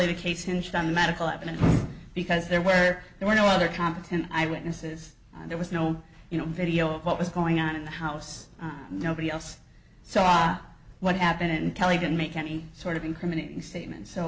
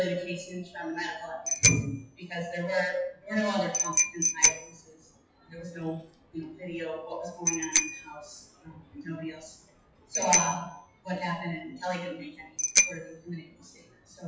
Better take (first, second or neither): first